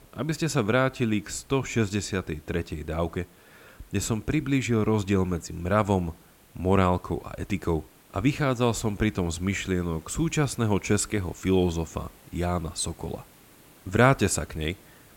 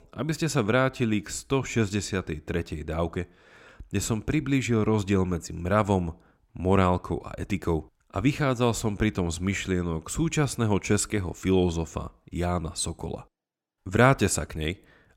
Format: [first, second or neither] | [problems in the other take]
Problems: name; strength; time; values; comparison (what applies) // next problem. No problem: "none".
second | hiss; faint; throughout; 25 dB below the speech